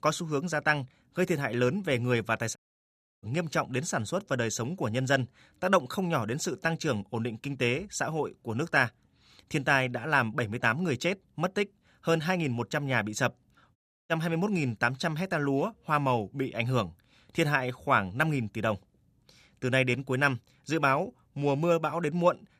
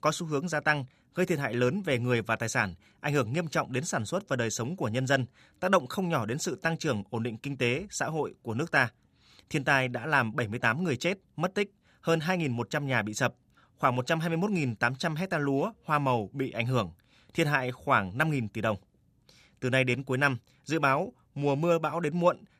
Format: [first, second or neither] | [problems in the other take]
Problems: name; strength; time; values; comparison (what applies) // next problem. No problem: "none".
second | audio cutting out; at 2.5 s for 0.5 s and at 14 s